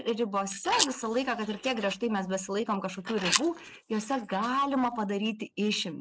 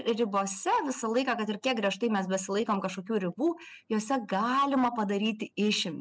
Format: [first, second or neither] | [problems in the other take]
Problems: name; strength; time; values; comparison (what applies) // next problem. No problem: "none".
second | noise reduction (neural mask model Resemble Enhance denoiser)